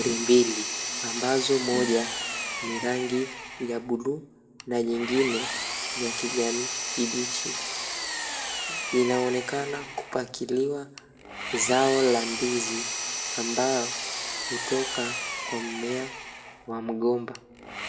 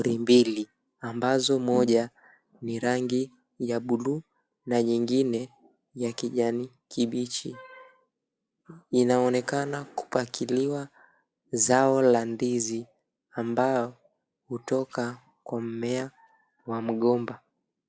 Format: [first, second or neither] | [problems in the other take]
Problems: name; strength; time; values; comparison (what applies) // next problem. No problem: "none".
second | background sound (Engine); 5 dB below the speech // room echo; dies away in 1.1 s